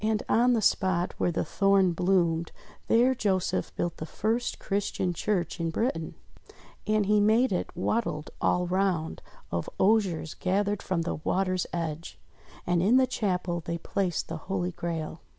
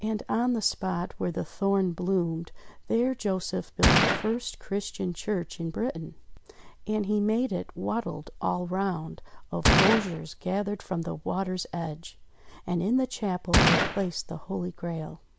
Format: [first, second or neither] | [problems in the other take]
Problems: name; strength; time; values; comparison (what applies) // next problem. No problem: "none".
first | background sound (Gunshot, gunfire); 4 dB above the speech